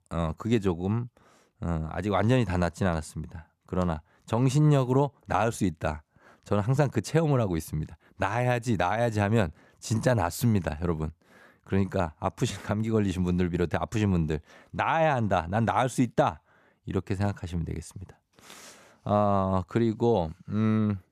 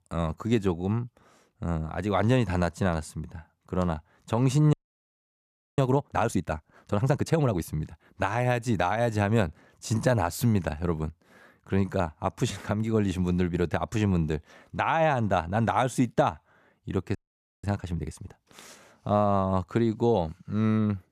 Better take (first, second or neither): first